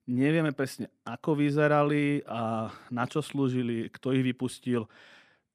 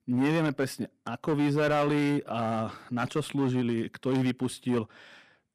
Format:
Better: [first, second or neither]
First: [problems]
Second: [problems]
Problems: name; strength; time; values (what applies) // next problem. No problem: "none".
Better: first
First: none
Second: distortion; slight; 8% of the sound clipped